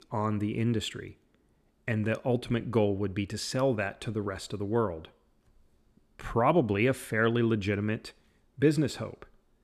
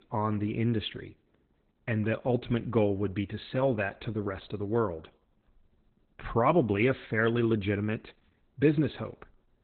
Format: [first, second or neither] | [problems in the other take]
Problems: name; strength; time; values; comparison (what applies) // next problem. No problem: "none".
first | garbled, watery; badly; nothing above 4 kHz